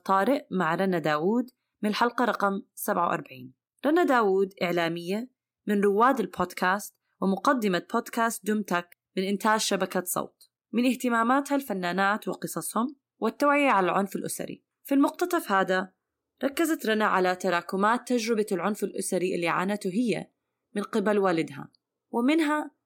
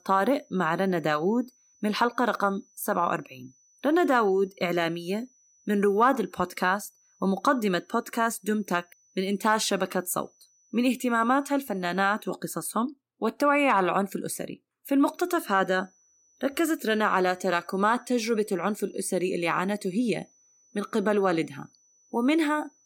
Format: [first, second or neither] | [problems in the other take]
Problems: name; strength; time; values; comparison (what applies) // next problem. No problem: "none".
first | high-pitched whine; faint; until 12 s and from 15 s on; 6 kHz, 35 dB below the speech